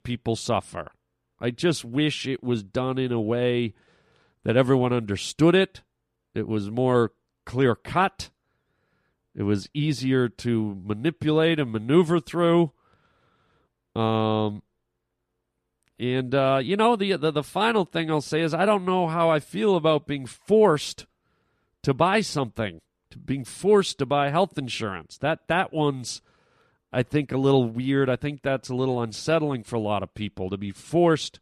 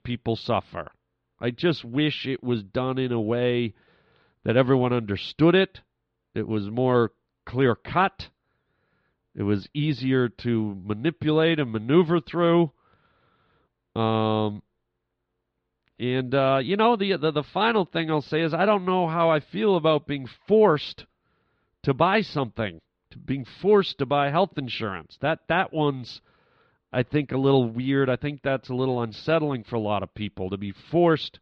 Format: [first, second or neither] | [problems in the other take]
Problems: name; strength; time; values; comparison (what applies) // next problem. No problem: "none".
first | muffled; very slightly; fading above 4 kHz